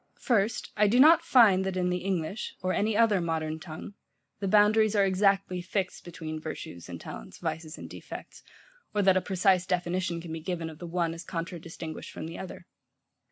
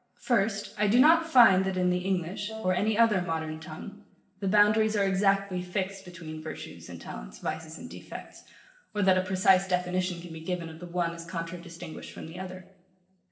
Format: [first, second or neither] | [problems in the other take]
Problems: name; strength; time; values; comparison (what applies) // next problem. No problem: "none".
first | noise reduction (neural separator model SepFormer DNS4)